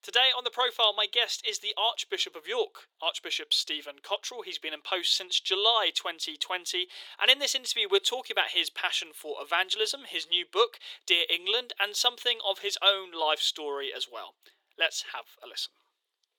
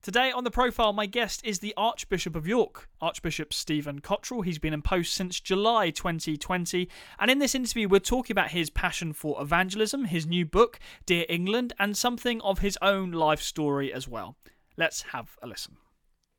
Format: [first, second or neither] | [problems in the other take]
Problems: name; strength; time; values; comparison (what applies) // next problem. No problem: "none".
second | thin; very; fading below 400 Hz